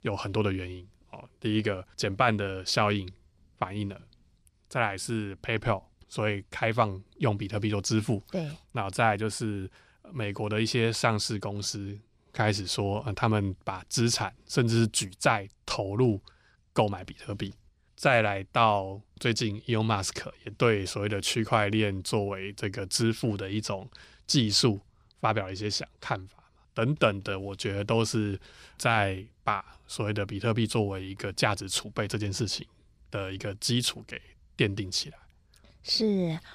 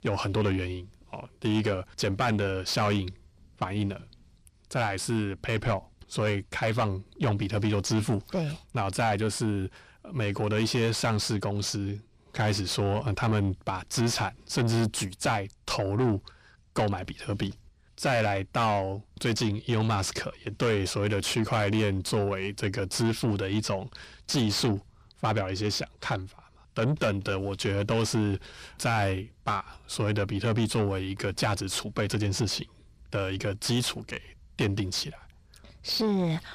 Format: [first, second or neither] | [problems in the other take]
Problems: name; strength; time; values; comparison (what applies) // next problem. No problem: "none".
first | distortion; heavy; 7 dB below the speech